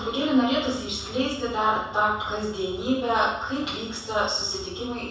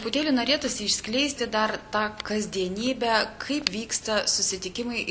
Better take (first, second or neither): second